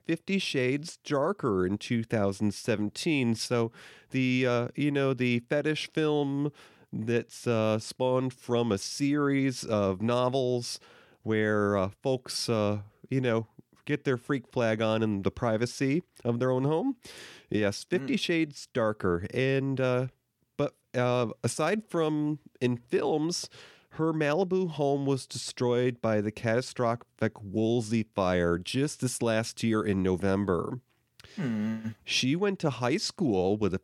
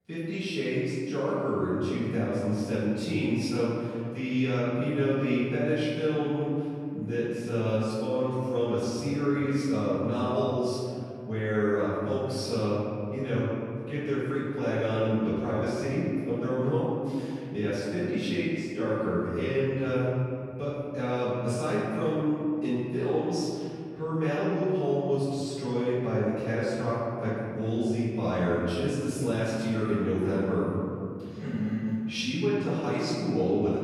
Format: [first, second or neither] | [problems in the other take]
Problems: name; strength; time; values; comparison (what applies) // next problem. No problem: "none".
first | off-mic speech; far // room echo; strong; dies away in 2.5 s